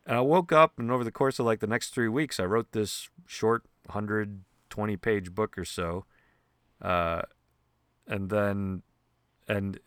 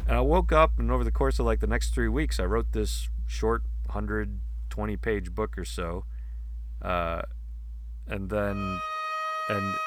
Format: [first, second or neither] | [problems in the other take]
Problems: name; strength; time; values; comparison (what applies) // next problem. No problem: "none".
first | background music; loud; throughout; 3 dB below the speech